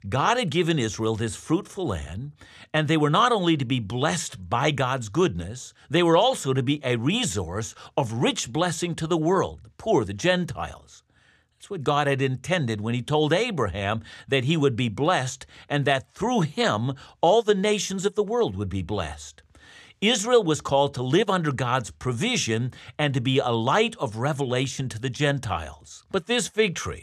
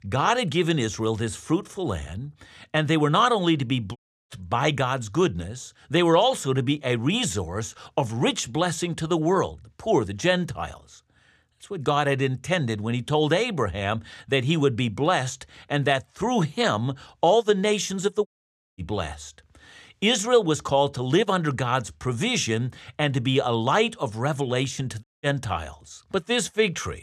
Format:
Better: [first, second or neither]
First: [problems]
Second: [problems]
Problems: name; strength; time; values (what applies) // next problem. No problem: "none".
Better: first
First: none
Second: audio cutting out; at 4 s, at 18 s for 0.5 s and at 25 s